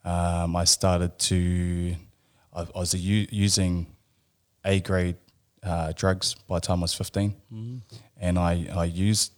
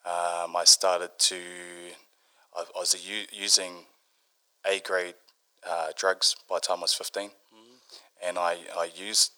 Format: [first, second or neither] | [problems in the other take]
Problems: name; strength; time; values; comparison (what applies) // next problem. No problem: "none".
first | thin; very; fading below 450 Hz